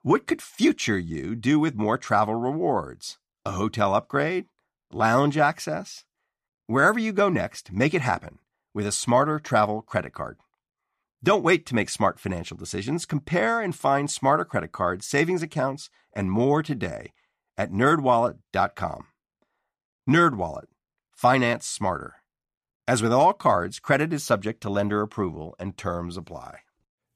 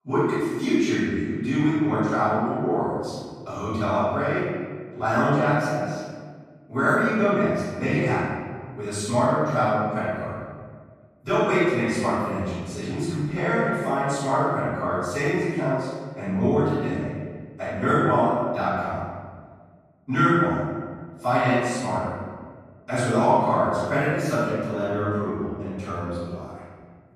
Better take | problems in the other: first | off-mic speech; far // room echo; strong; dies away in 1.6 s

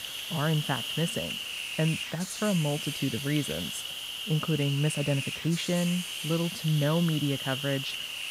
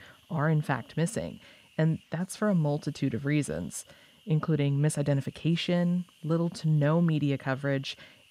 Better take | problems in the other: second | hiss; loud; throughout; 4 dB below the speech; faint in the second

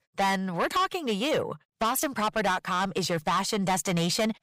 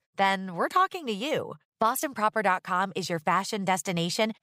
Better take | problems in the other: second | distortion; heavy; 6 dB below the speech

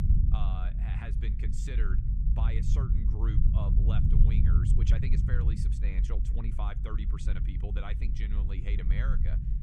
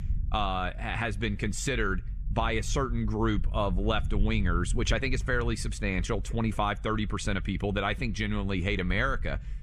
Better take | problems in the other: second | low rumble; loud; throughout; 1 dB below the speech; faint in the second

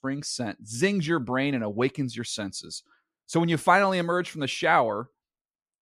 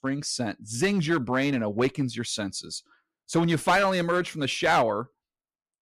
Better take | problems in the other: first | distortion; slight; 4% of the sound clipped

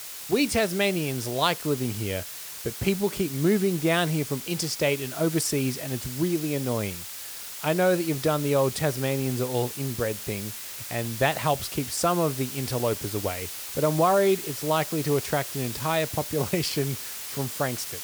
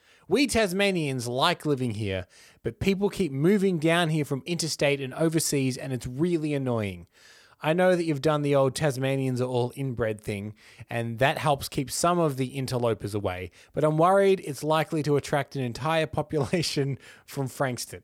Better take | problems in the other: second | hiss; loud; throughout; 7 dB below the speech

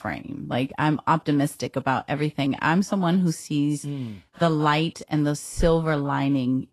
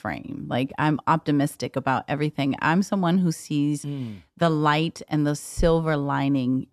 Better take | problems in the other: second | garbled, watery; slightly; nothing above 12 kHz

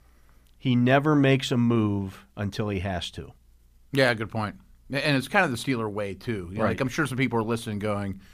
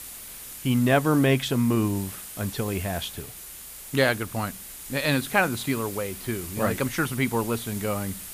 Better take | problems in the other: first | hiss; noticeable; throughout; 10 dB below the speech

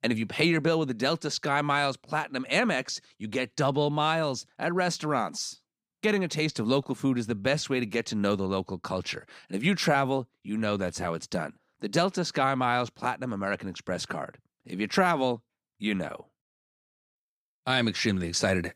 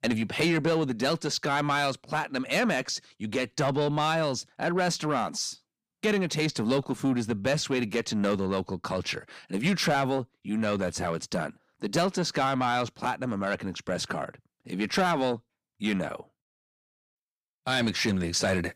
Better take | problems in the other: first | distortion; slight; 10 dB below the speech

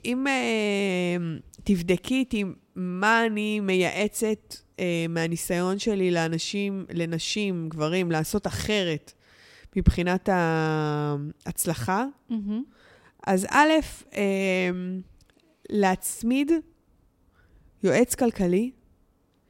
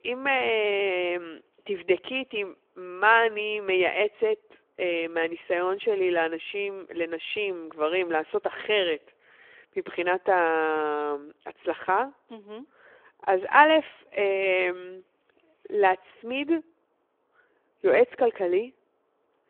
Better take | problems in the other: first | phone-call audio

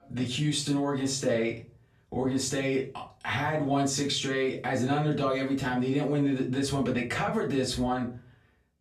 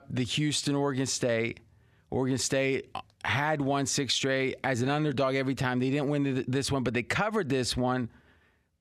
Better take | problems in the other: second | off-mic speech; far // room echo; slight; dies away in 0.3 s

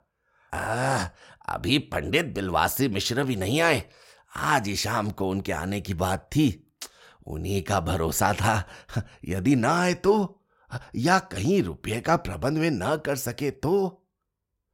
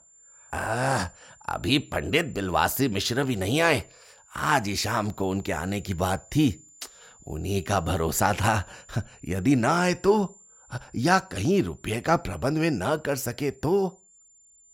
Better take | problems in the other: first | high-pitched whine; faint; throughout; 7 kHz, 25 dB below the speech

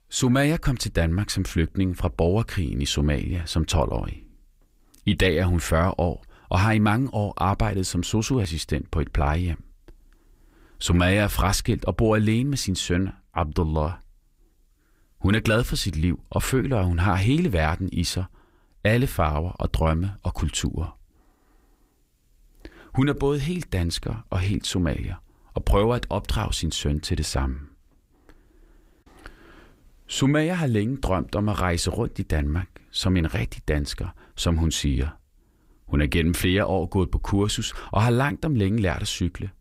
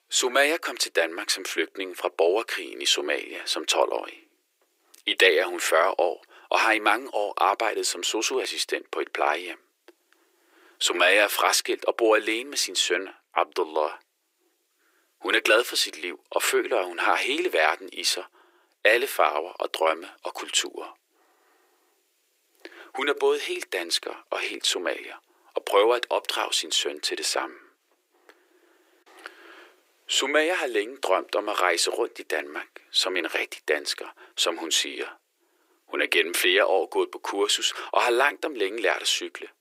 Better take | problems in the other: first | thin; very; fading below 350 Hz

